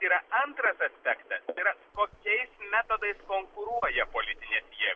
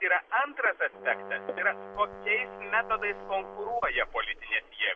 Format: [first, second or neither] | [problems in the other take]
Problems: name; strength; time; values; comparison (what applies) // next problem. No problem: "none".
first | background sound (Brass instrument); 14 dB below the speech